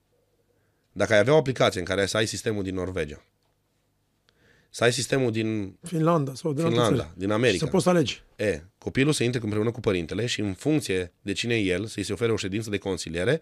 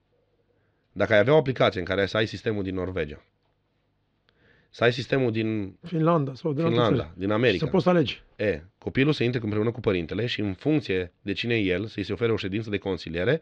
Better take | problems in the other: first | muffled; slightly; fading above 4 kHz

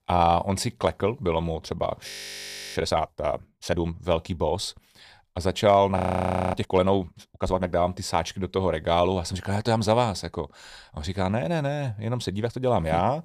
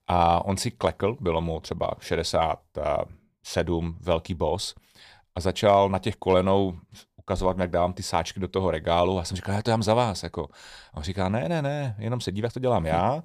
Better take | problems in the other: second | audio freezing; at 2 s for 0.5 s and at 6 s for 0.5 s

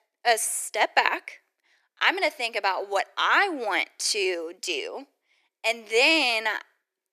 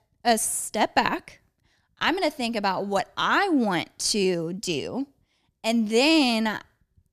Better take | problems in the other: second | thin; very; fading below 350 Hz

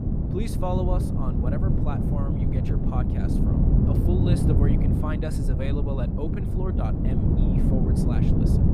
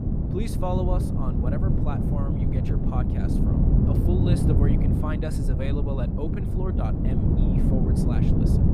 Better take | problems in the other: neither | wind noise on the microphone; heavy; 2 dB above the speech; the same in both

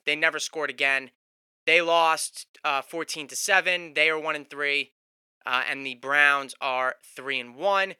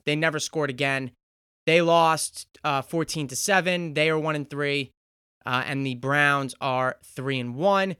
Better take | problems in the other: second | thin; somewhat; fading below 450 Hz

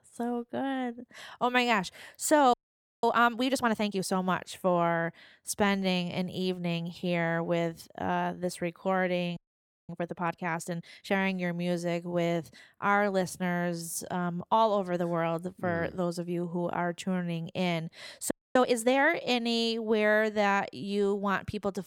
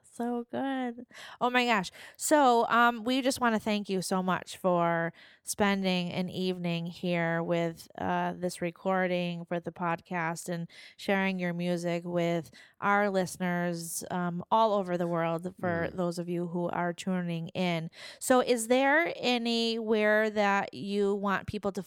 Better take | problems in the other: second | audio freezing; at 2.5 s, at 9.5 s for 0.5 s and at 18 s

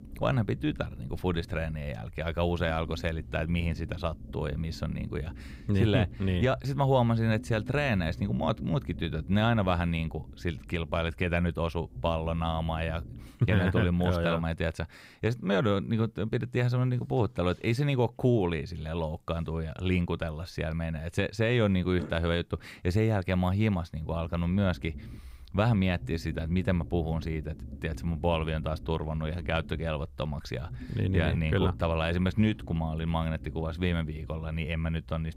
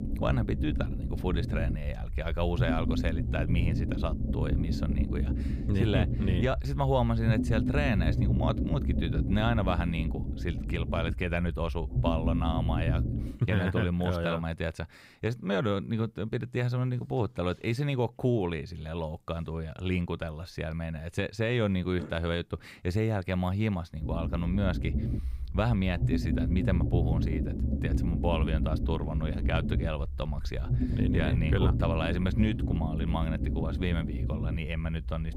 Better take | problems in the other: first | low rumble; loud; until 13 s and from 24 s on; 6 dB below the speech; faint in the first

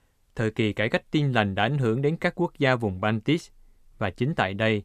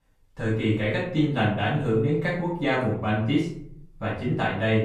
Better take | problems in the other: first | off-mic speech; far // room echo; noticeable; dies away in 0.6 s

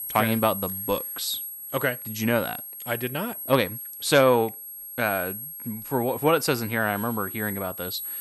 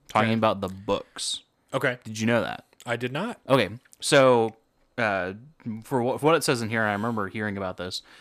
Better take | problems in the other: second | high-pitched whine; loud; throughout; 11.5 kHz, 7 dB below the speech

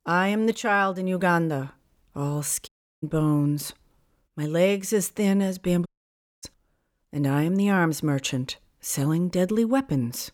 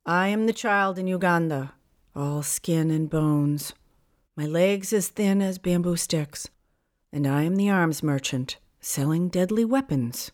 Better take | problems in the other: second | audio cutting out; at 2.5 s and at 6 s for 0.5 s

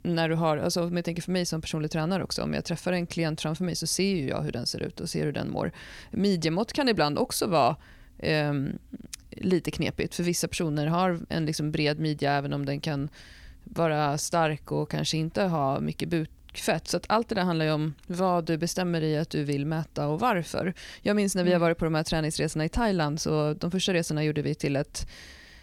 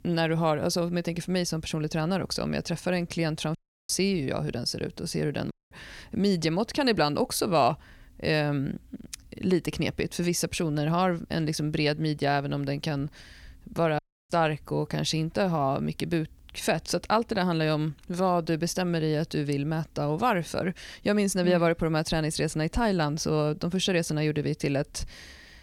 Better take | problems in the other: first | audio cutting out; at 3.5 s, at 5.5 s and at 14 s

